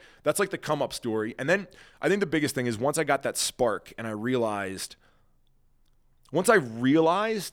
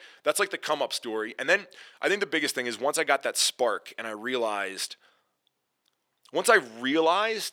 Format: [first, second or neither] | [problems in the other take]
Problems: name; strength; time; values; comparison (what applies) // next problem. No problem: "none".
first | thin; somewhat; fading below 400 Hz